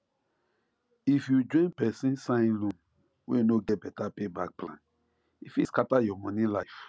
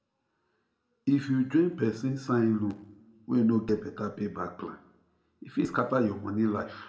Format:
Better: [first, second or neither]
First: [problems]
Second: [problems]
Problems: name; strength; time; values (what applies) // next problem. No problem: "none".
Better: first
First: none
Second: room echo; dies away in 0.7 s